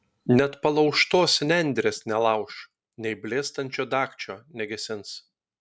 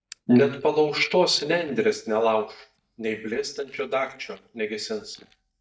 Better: first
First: none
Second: noise reduction (neural mask model DeepFilterNet 3)

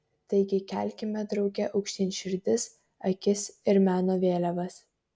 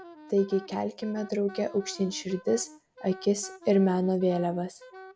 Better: first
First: none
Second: background sound (Wind instrument, woodwind instrument); 19 dB below the speech

